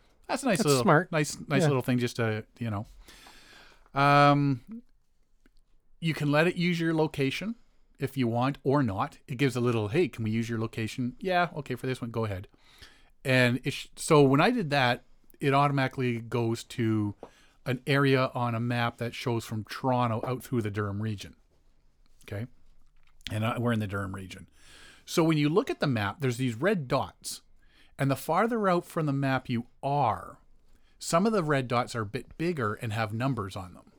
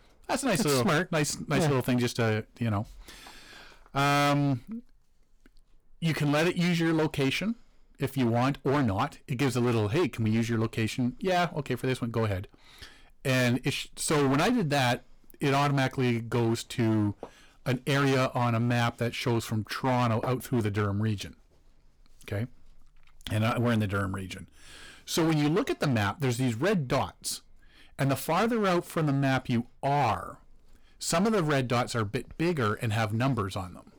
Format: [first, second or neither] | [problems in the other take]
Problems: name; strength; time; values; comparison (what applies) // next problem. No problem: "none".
first | distortion; heavy; 14% of the sound clipped